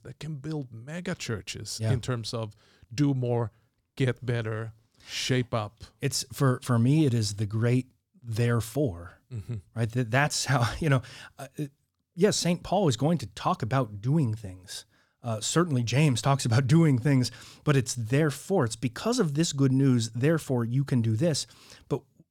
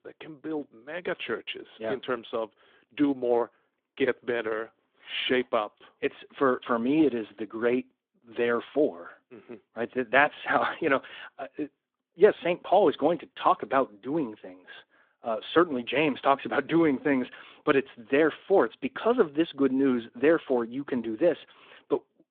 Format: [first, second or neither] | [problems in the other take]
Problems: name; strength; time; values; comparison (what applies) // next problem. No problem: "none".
first | phone-call audio